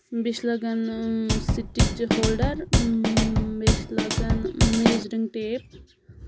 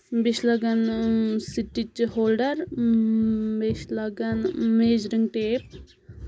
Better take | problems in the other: second | background sound (Drum kit); 4 dB above the speech

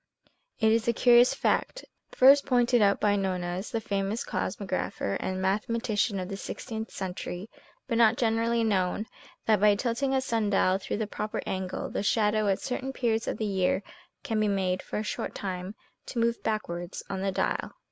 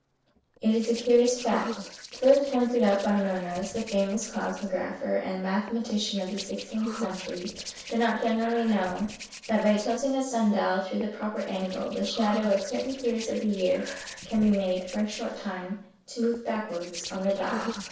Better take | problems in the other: first | noise reduction (neural separator model SepFormer DNS4)

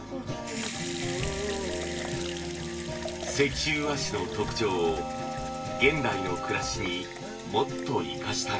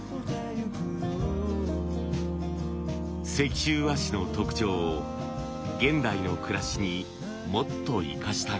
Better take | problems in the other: second | background sound (Sink (filling or washing) / Water tap, faucet / Liquid); 11 dB below the speech // room echo; dies away in 0.1 s

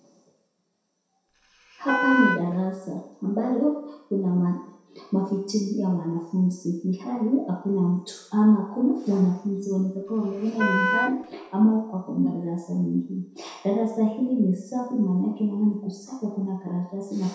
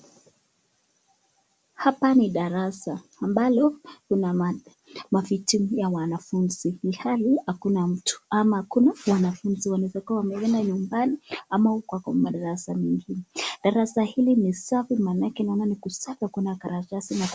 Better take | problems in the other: second | background sound (Wind instrument, woodwind instrument); 3 dB below the speech // room echo; dies away in 0.7 s

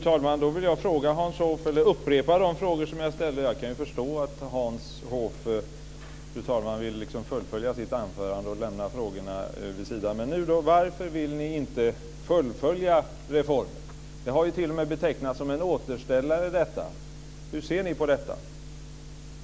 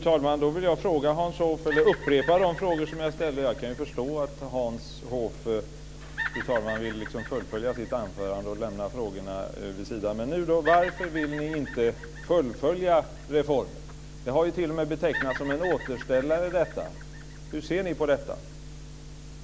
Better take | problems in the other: first | background sound (Bird vocalization, bird call, bird song); 14 dB below the speech

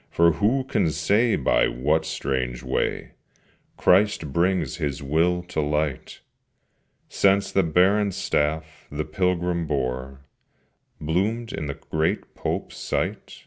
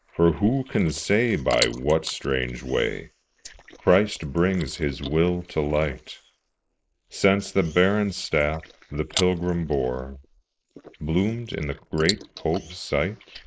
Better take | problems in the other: first | noise reduction (neural mask model Resemble Enhance denoiser)

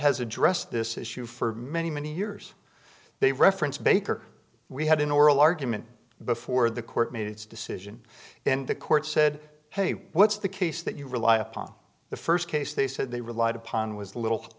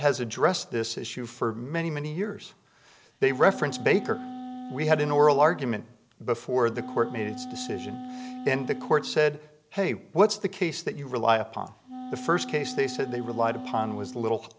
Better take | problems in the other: first | background sound (Wind instrument, woodwind instrument); 11 dB below the speech

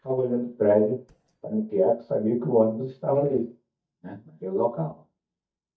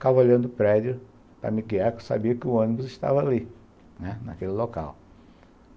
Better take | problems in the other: second | noise reduction (neural mask model DeepFilterNet 3)

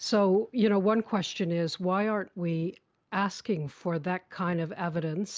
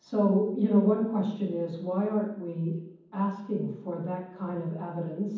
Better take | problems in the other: first | room echo; dies away in 1.2 s

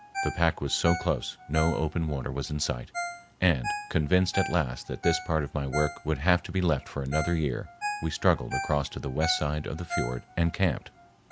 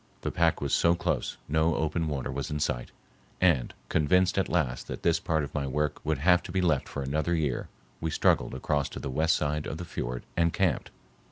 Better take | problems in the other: second | background sound (Ringtone); 10 dB below the speech

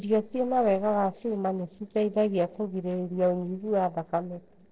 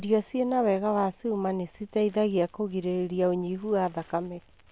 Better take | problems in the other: second | noise reduction (neural separator model SepFormer DNS4)

